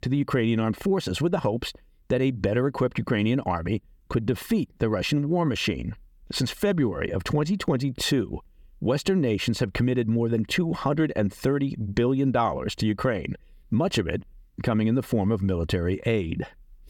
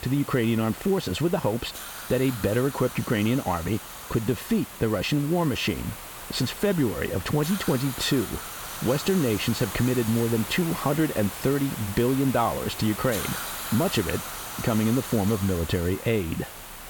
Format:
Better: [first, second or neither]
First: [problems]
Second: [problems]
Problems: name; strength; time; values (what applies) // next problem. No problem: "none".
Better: first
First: none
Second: hiss; loud; throughout; 9 dB below the speech